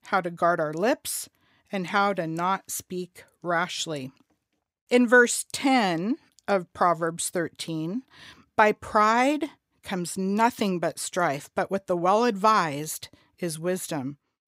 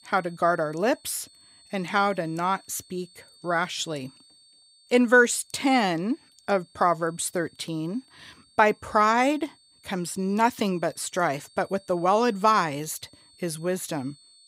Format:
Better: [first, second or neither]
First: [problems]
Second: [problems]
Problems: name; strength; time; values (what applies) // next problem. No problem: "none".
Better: first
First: none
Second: high-pitched whine; faint; throughout; 4.5 kHz, 30 dB below the speech